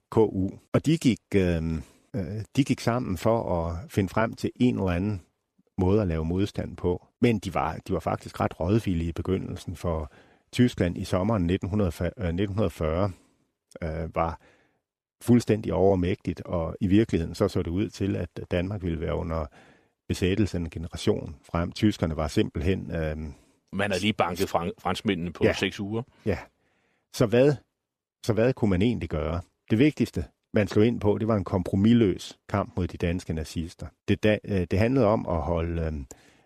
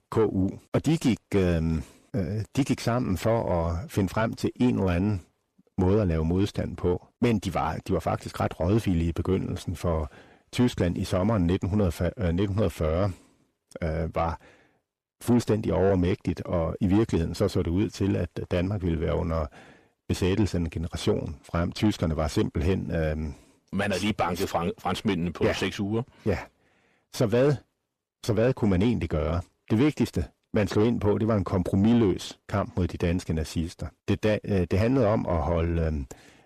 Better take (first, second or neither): first